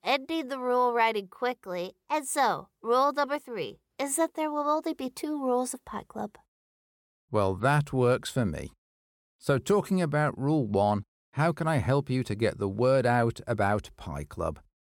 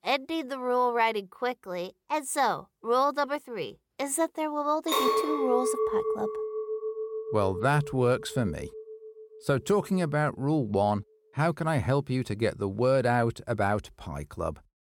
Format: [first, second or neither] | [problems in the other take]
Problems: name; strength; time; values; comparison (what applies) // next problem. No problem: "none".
first | clattering dishes; loud; from 5 to 9 s; peak 3 dB above the speech